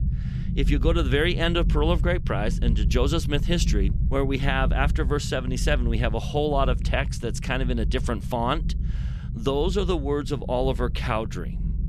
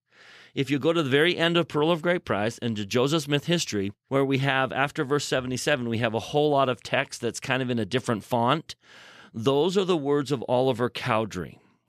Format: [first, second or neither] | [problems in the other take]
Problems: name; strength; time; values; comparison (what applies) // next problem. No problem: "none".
second | low rumble; noticeable; throughout; 15 dB below the speech